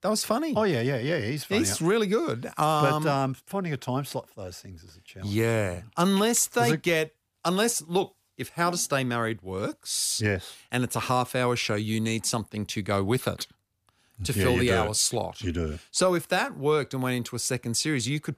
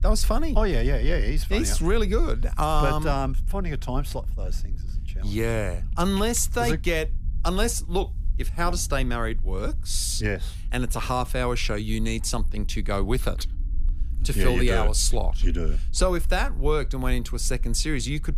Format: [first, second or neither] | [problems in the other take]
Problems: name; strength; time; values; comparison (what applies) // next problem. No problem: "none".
first | low rumble; faint; throughout; 25 dB below the speech